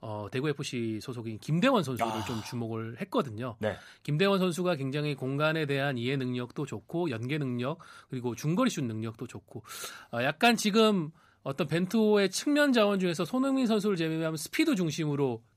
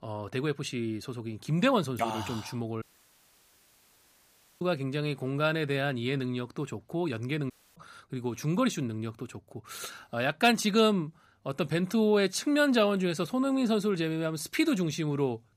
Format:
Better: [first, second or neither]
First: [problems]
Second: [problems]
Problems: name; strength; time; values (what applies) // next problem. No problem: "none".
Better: first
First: none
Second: audio cutting out; at 3 s for 2 s and at 7.5 s